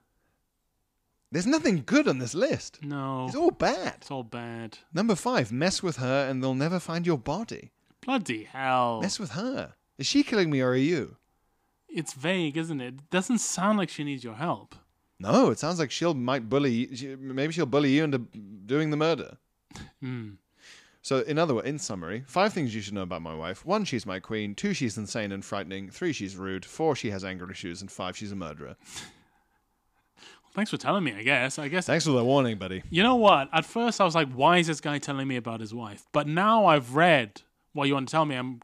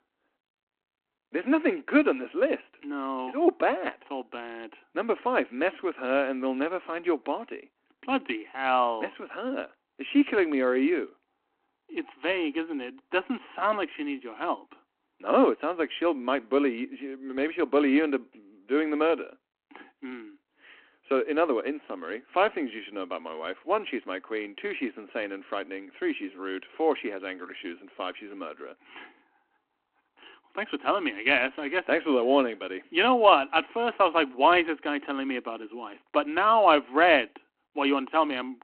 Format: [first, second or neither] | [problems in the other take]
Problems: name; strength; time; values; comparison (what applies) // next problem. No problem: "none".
first | phone-call audio